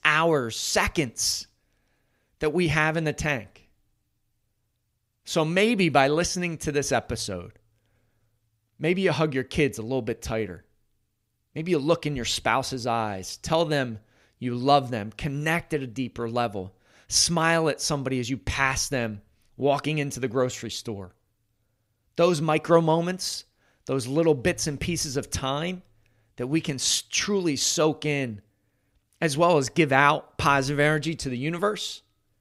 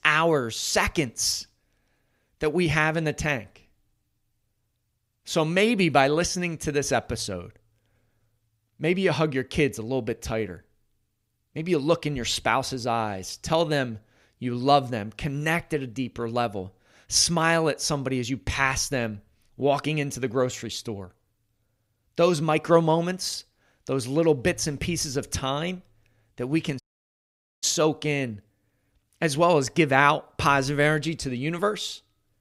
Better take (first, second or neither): first